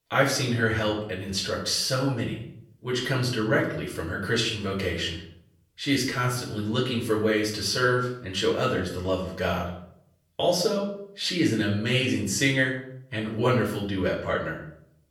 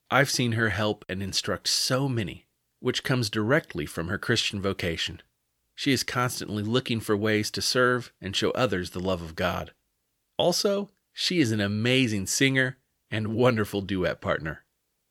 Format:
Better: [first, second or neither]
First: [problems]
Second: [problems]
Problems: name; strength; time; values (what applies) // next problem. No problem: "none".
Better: second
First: off-mic speech; far // room echo; slight; dies away in 0.5 s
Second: none